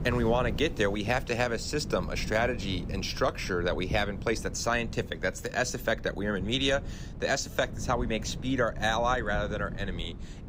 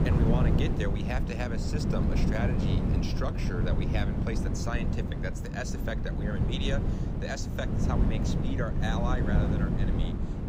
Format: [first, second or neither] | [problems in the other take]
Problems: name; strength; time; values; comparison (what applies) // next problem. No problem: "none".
first | wind noise on the microphone; heavy; 1 dB below the speech; occasional gusts in the first